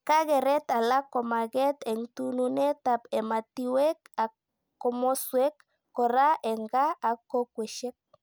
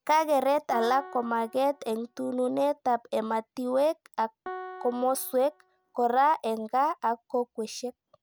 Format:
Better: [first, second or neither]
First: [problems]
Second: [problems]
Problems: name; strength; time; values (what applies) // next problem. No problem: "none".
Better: first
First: none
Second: background sound (Piano); 18 dB below the speech